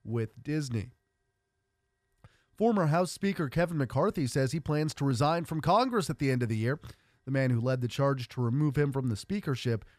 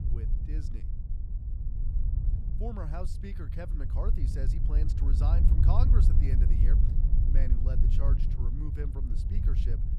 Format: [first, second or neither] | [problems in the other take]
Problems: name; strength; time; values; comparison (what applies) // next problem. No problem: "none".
first | wind noise on the microphone; heavy; 2 dB below the speech